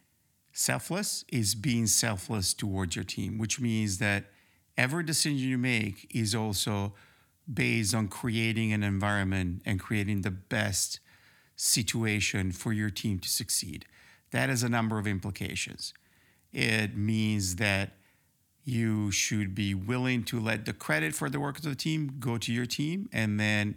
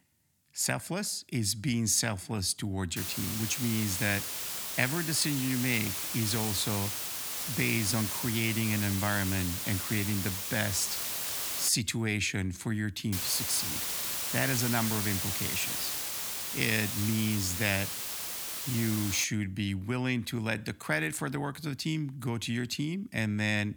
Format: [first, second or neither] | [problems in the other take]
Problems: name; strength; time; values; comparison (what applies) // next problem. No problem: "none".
first | hiss; loud; from 3 to 12 s and from 13 to 19 s; 1 dB below the speech